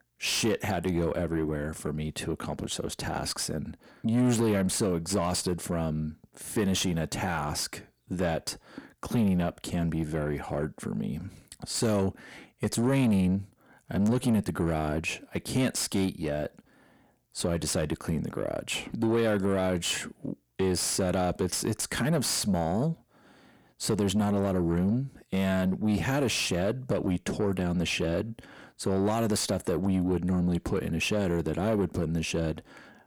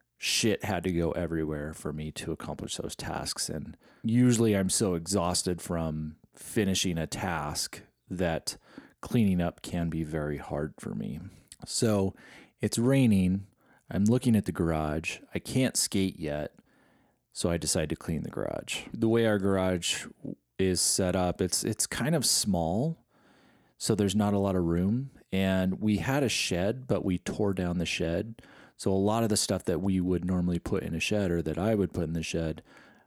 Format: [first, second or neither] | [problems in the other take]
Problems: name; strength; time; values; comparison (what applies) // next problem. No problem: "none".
second | distortion; slight; 10 dB below the speech